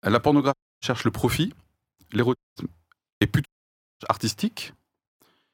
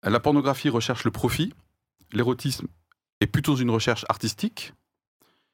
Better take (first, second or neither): second